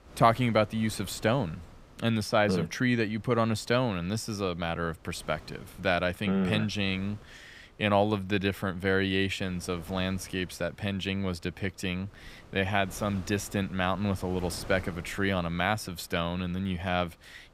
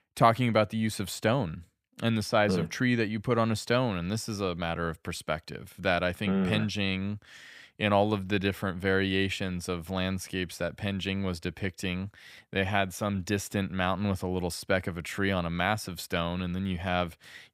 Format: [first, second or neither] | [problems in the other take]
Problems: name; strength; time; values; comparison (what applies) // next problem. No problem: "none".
second | wind noise on the microphone; occasional gusts; 25 dB below the speech